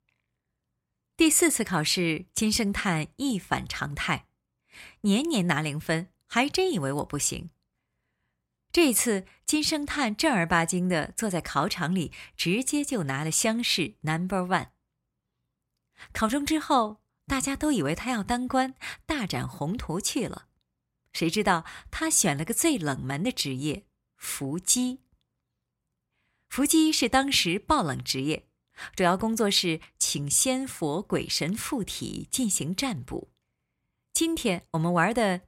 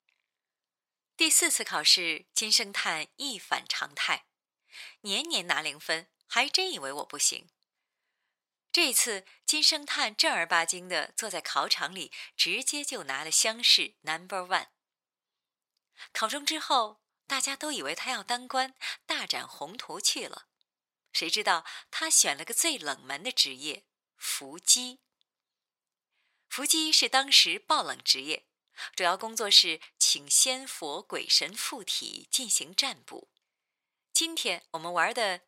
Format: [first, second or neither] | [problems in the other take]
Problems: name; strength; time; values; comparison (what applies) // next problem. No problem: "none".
first | thin; very; fading below 600 Hz